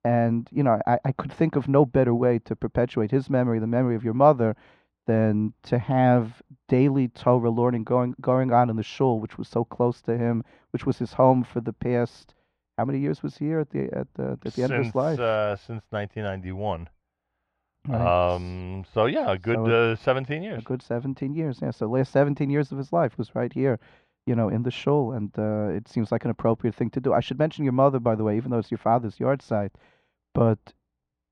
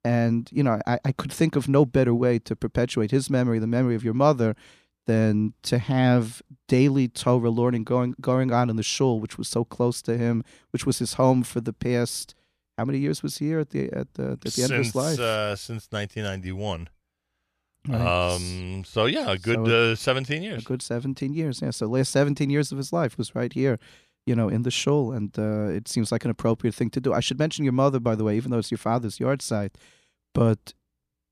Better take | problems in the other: second | muffled; very; fading above 2 kHz

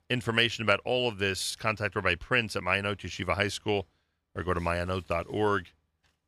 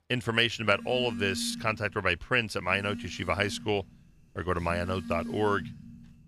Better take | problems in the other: first | phone ringing; noticeable; from 0.5 s on; peak 8 dB below the speech

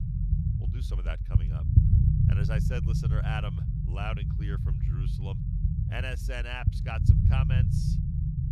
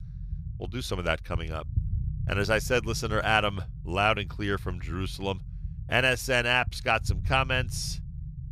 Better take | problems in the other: second | low rumble; loud; throughout; 1 dB below the speech; faint in the second

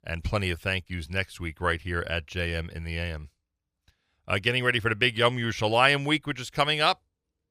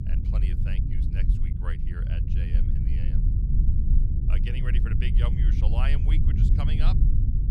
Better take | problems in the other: first | low rumble; loud; throughout; 1 dB below the speech

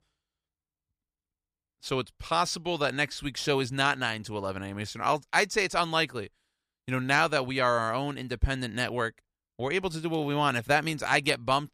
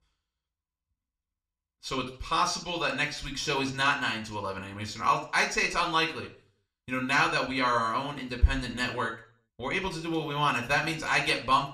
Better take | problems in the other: first | room echo; slight; dies away in 0.4 s // off-mic speech; somewhat distant

